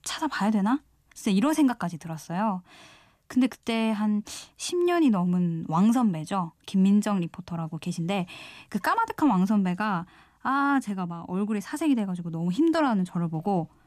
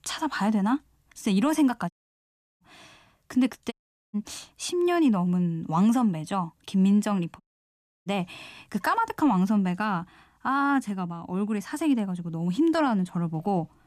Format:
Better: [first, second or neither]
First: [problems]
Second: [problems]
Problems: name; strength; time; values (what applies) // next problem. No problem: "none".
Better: first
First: none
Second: audio cutting out; at 2 s for 0.5 s, at 3.5 s and at 7.5 s for 0.5 s